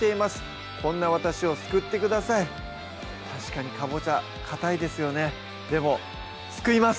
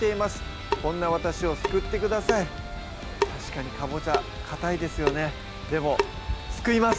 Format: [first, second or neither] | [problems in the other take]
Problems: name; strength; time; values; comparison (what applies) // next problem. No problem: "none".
first | background sound (Drip / Sink (filling or washing) / Water tap, faucet); 4 dB below the speech